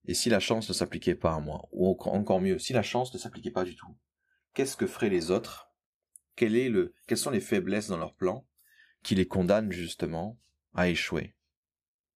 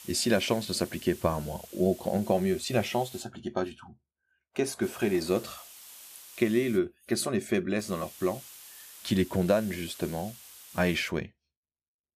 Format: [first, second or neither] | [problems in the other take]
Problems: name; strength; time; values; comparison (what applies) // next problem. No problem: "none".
first | hiss; noticeable; until 3 s, from 5 to 7 s and from 8 to 11 s; 15 dB below the speech